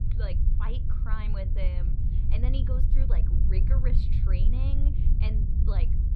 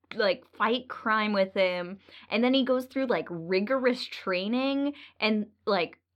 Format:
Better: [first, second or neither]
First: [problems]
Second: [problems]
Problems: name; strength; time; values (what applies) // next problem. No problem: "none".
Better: second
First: low rumble; loud; throughout; 1 dB below the speech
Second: none